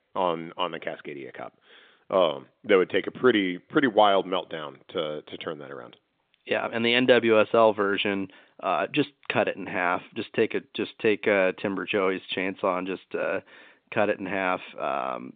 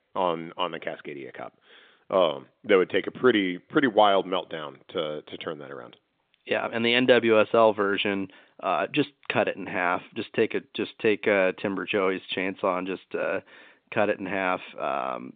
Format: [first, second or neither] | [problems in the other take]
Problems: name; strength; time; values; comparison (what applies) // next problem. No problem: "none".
neither | phone-call audio; nothing above 3.5 kHz; the same in both